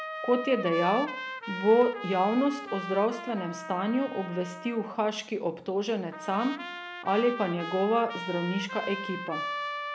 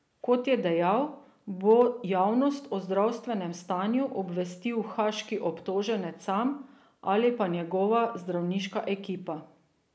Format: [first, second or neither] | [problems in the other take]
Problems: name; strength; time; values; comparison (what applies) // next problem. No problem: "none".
second | background sound (Trumpet); 9 dB below the speech